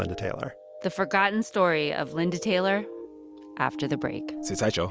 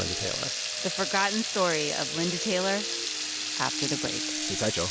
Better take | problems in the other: first | background sound (Water tap, faucet / Liquid); 1 dB below the speech

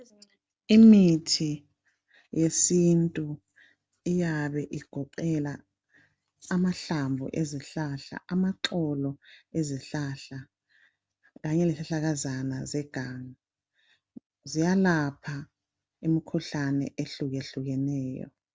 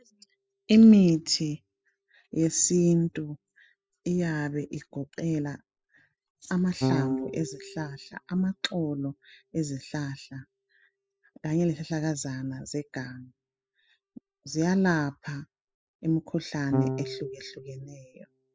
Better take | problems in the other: first | noise reduction (classical method spectral subtraction)

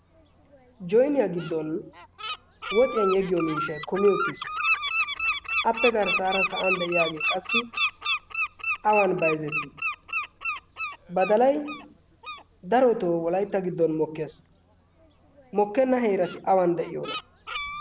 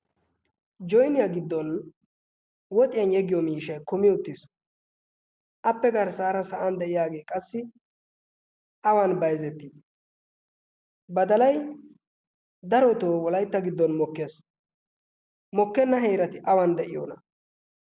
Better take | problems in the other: second | background sound (Bird); 5 dB below the speech

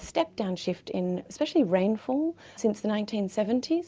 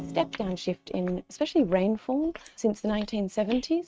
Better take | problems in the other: first | noise reduction (neural mask model RNNoise)

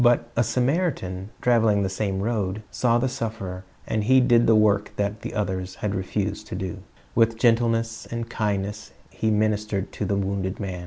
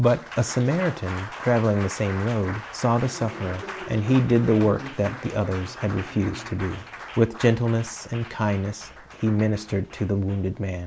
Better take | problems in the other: first | background sound (Applause); 14 dB below the speech

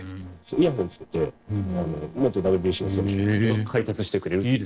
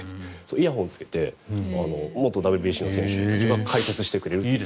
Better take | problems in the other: second | noise reduction (neural separator model SepFormer DNS4)

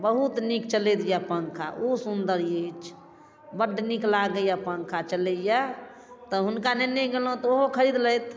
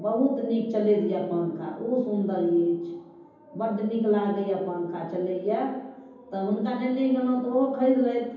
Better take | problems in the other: first | room echo; dies away in 0.9 s

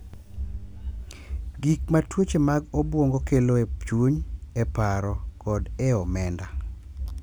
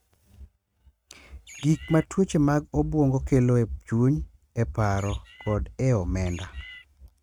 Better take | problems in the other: first | noise reduction (neural mask model RNNoise)

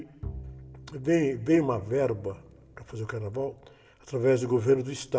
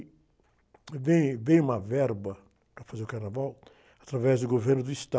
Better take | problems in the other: second | background sound (Bowed string instrument); 17 dB below the speech // room echo; dies away in 0.5 s

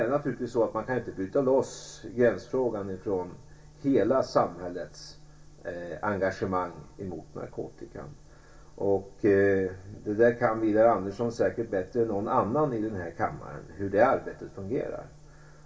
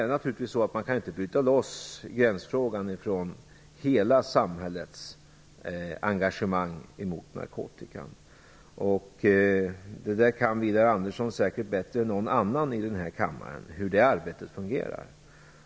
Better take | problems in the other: second | room echo; dies away in 0.2 s

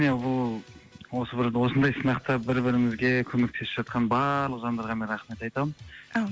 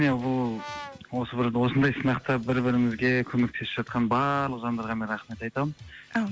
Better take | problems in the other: first | background sound (Brass instrument); 15 dB below the speech

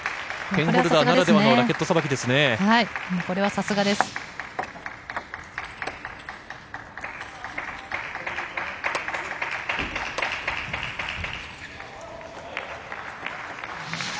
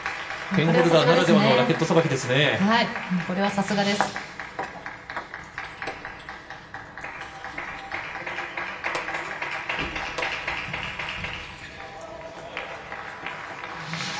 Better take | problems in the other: first | room echo; dies away in 0.7 s

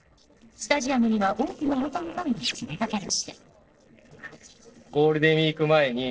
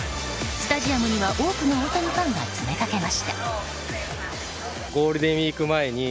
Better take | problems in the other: second | noise reduction (neural separator model SepFormer DNS4)

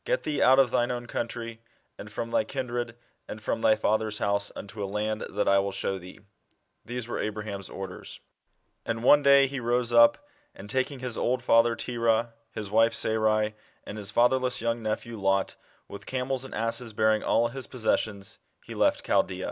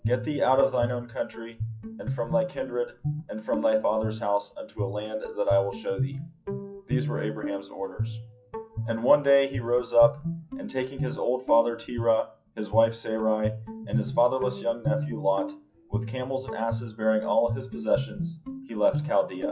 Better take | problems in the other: first | noise reduction (classical method WPE with log-MMSE)

